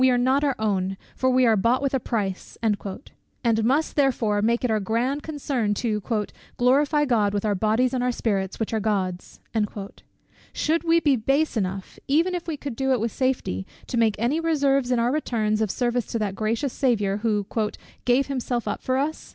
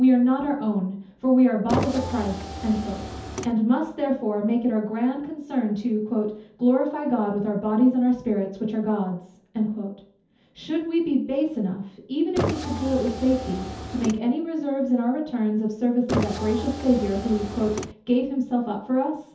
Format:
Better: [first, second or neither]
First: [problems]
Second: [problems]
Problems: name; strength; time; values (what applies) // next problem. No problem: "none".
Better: first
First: none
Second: background sound (Car); 6 dB below the speech // room echo; dies away in 0.5 s